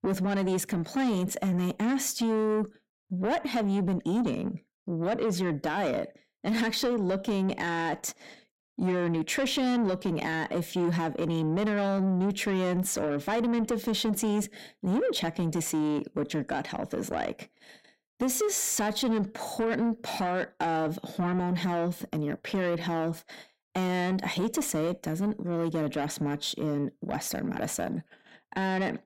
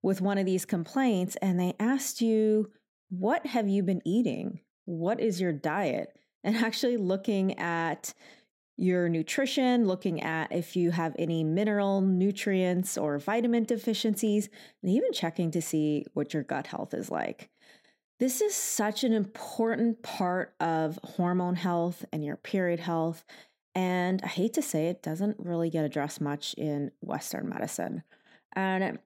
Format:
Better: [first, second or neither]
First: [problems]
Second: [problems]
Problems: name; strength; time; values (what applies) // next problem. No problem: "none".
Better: second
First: distortion; slight; 10 dB below the speech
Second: none